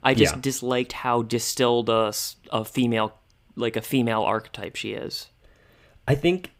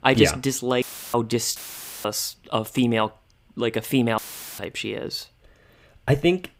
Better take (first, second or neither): first